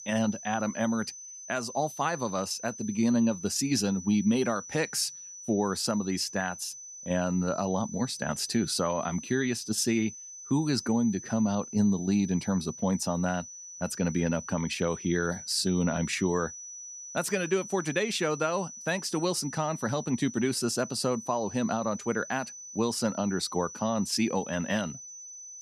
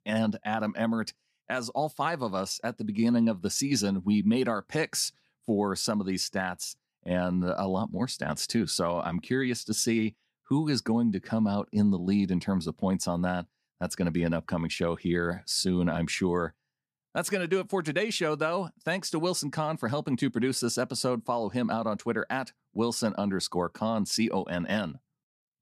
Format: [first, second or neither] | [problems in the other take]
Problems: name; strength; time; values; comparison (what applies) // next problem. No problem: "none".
second | high-pitched whine; noticeable; throughout; 6 kHz, 10 dB below the speech